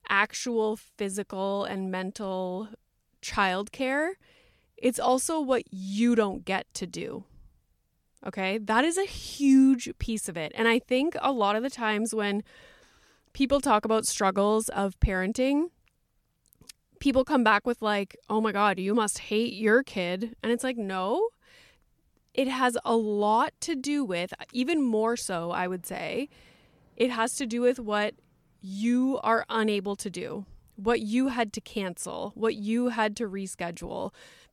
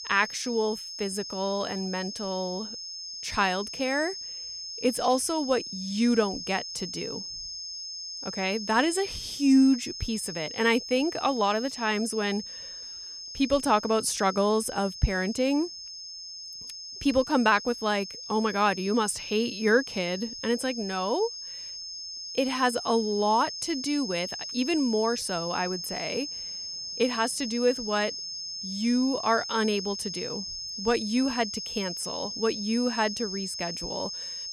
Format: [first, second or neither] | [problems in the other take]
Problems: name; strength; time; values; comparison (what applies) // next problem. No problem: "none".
first | high-pitched whine; loud; throughout; 5 kHz, 8 dB below the speech